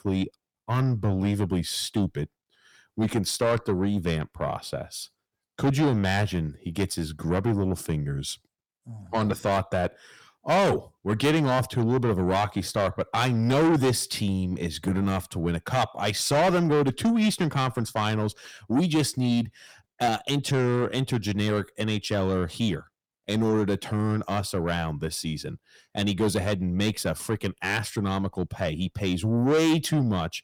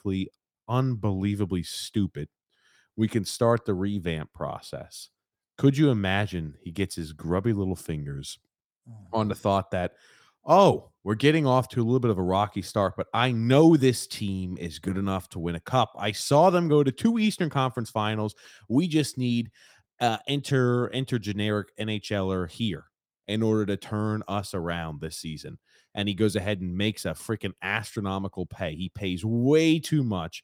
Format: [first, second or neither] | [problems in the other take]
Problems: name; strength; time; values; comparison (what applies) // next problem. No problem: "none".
second | distortion; heavy; 7 dB below the speech